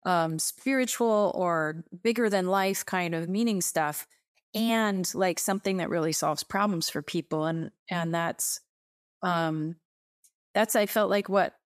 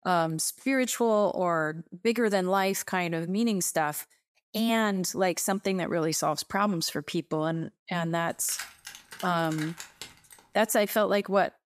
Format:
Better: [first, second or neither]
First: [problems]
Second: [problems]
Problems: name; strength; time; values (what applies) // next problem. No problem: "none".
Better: first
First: none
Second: jangling keys; faint; from 8.5 to 10 s; peak 10 dB below the speech